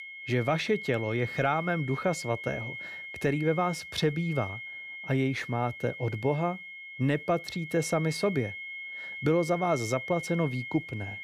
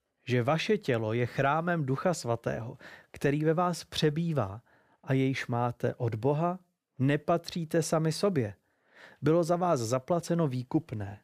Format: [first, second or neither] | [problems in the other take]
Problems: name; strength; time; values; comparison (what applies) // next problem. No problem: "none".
second | high-pitched whine; loud; throughout; 2 kHz, 9 dB below the speech